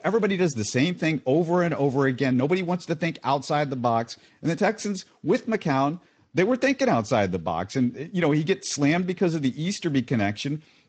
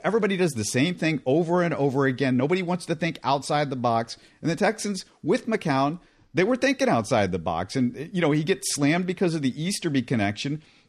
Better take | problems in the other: second | garbled, watery; slightly; nothing above 8 kHz

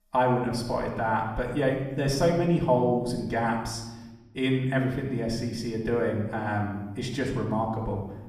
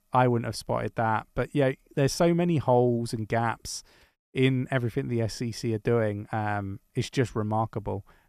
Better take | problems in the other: second | off-mic speech; far // room echo; noticeable; dies away in 1.1 s

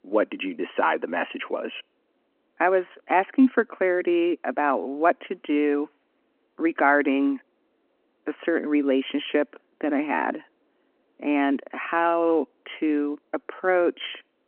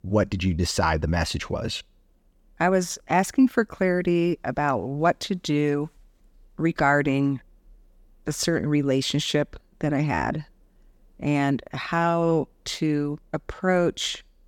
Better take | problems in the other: second | phone-call audio

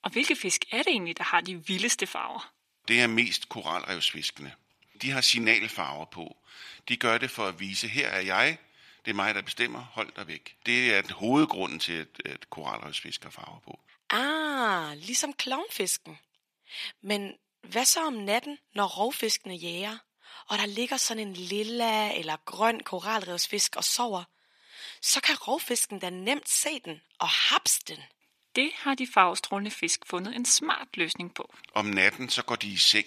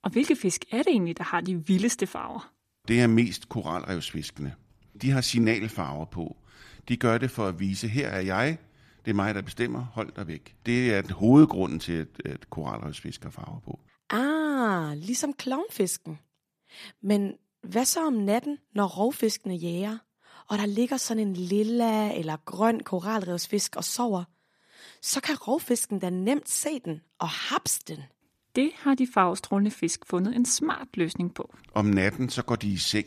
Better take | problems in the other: second | thin; somewhat; fading below 750 Hz

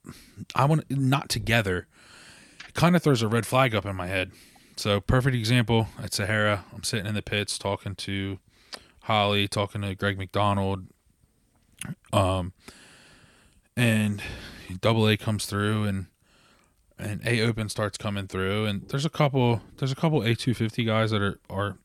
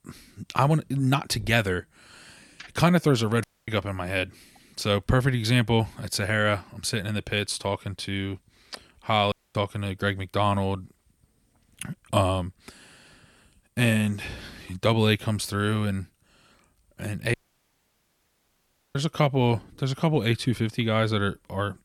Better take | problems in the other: first | audio cutting out; at 3.5 s, at 9.5 s and at 17 s for 1.5 s

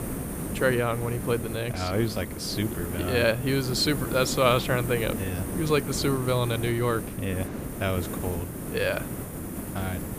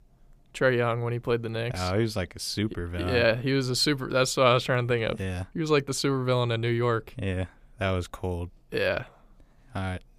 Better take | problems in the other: second | hiss; loud; throughout; 6 dB below the speech

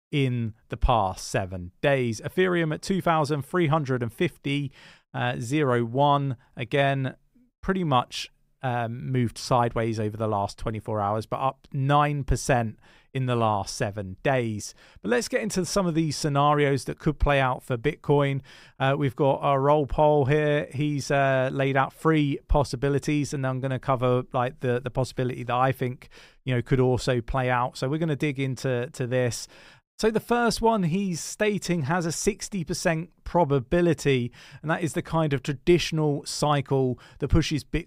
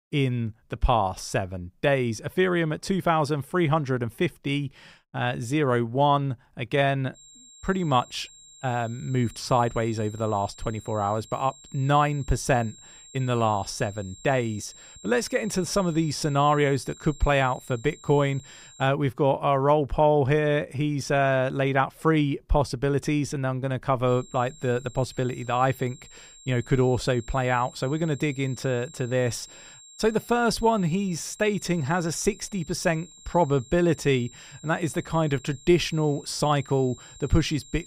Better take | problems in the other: first | high-pitched whine; faint; from 7 to 19 s and from 24 s on; 7.5 kHz, 20 dB below the speech

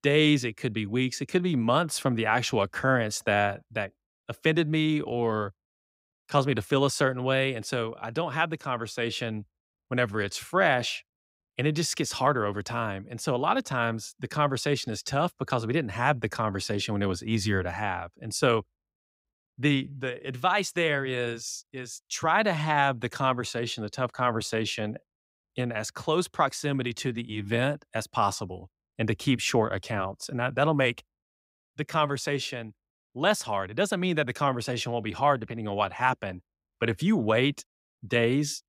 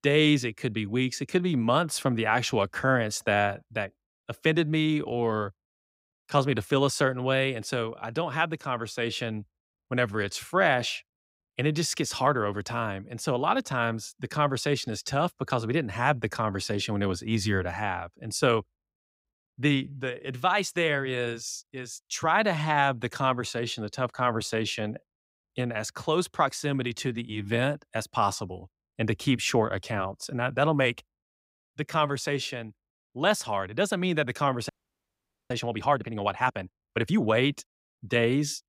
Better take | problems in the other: first | audio freezing; at 35 s for 1 s

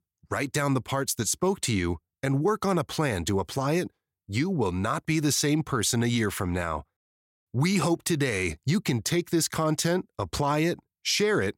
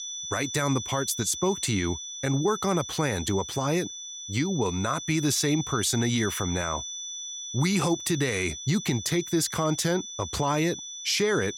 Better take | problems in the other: first | high-pitched whine; loud; throughout; 6 kHz, 8 dB below the speech

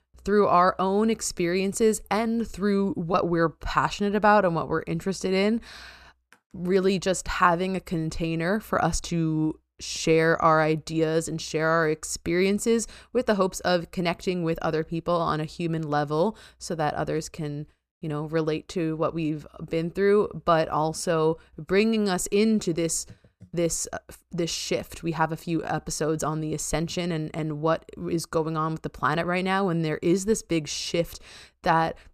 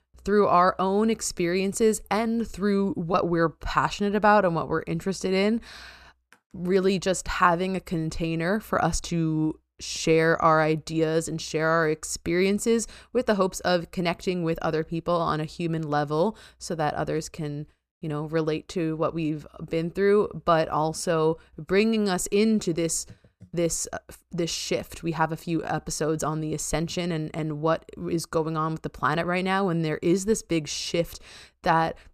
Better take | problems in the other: neither | none

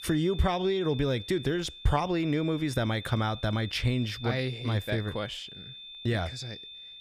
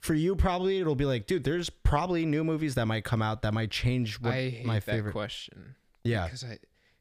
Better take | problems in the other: second | high-pitched whine; noticeable; throughout; 3.5 kHz, 15 dB below the speech

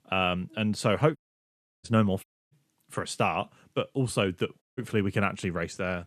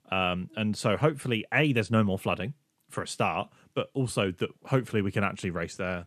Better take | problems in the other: second | audio cutting out; at 1 s for 0.5 s, at 2 s and at 4.5 s

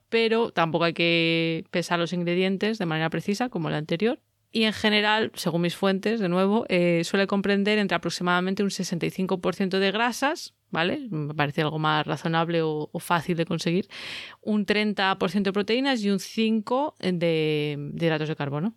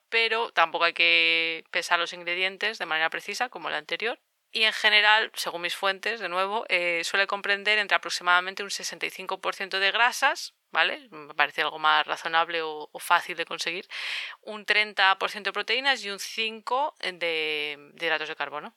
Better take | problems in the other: first | thin; very; fading below 850 Hz

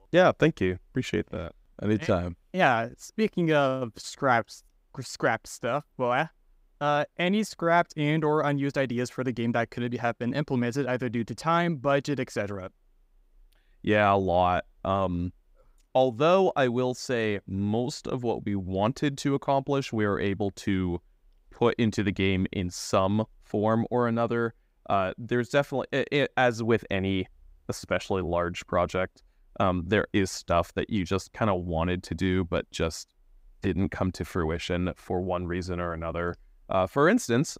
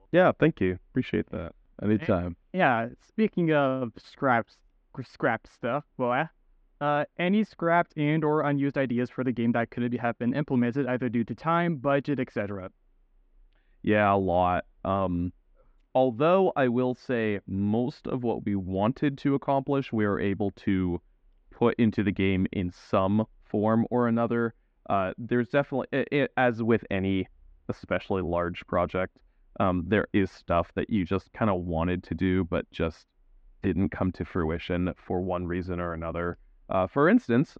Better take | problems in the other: first | muffled; very; fading above 3 kHz

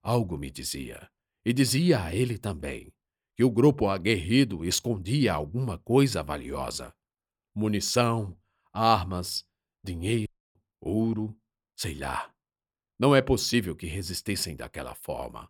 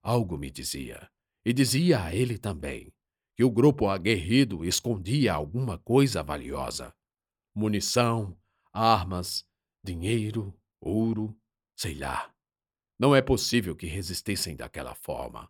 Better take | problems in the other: second | audio cutting out; at 10 s

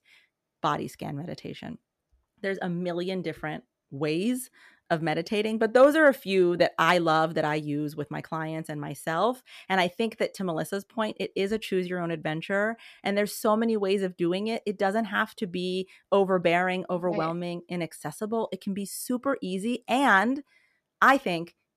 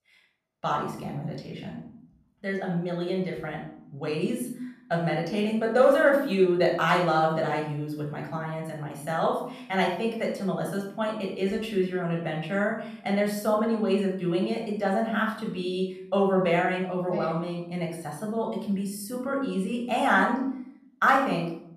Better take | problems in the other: first | off-mic speech; somewhat distant // room echo; noticeable; dies away in 0.6 s

